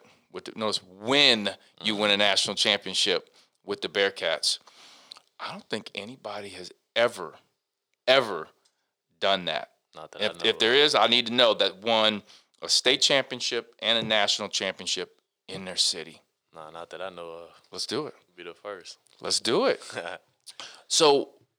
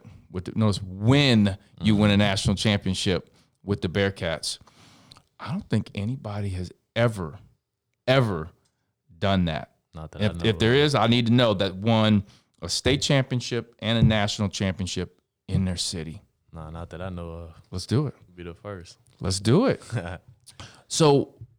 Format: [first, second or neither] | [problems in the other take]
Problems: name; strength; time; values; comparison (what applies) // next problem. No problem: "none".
second | thin; very; fading below 500 Hz